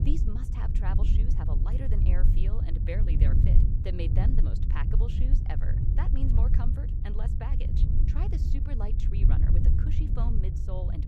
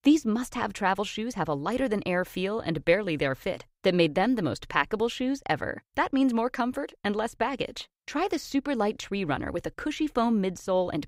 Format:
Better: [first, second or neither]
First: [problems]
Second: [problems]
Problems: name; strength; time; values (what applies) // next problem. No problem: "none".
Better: second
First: low rumble; loud; throughout; as loud as the speech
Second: none